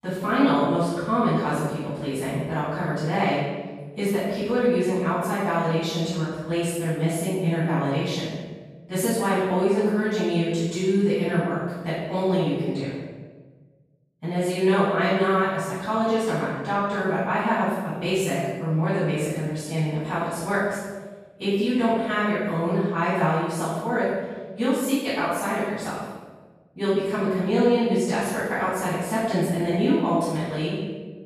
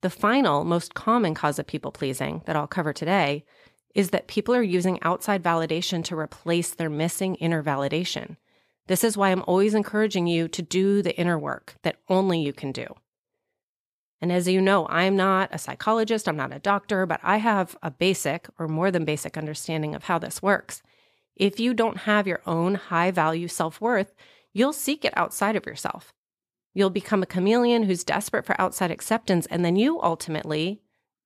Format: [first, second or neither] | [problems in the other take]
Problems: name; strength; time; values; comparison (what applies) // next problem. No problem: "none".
second | room echo; strong; dies away in 1.2 s // off-mic speech; far